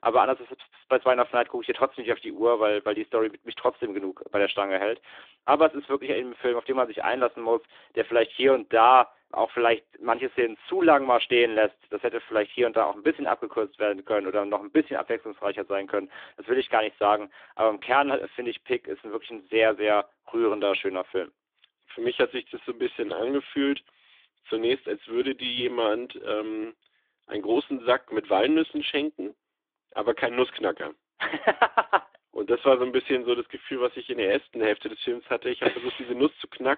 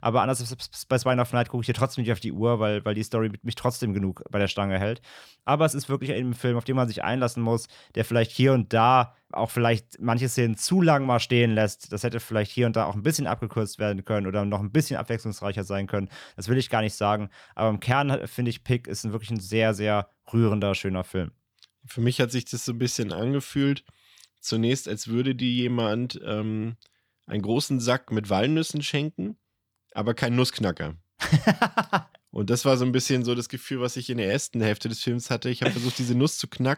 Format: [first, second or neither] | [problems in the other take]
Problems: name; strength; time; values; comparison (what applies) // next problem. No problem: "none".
second | phone-call audio; nothing above 3.5 kHz